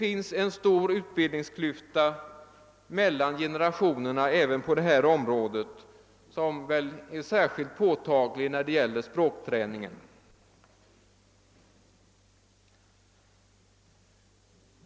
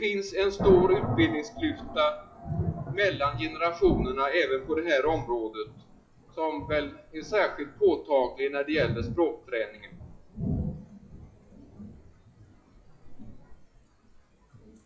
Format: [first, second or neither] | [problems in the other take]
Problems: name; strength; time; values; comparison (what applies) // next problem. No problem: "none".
first | noise reduction (classical method WPE with log-MMSE)